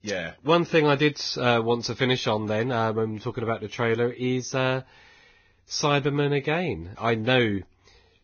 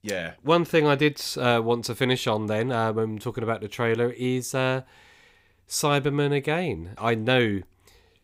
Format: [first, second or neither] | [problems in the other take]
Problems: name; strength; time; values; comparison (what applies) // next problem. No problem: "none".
second | garbled, watery; badly; nothing above 6.5 kHz